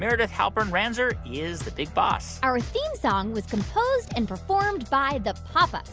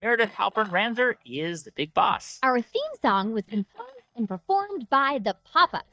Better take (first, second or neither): first